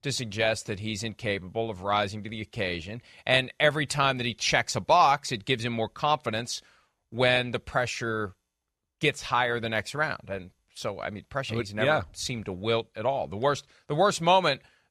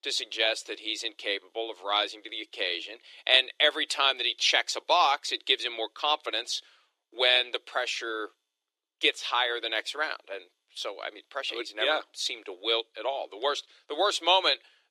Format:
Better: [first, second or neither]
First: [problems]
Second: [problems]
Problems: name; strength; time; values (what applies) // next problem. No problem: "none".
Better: first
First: none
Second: thin; very; fading below 300 Hz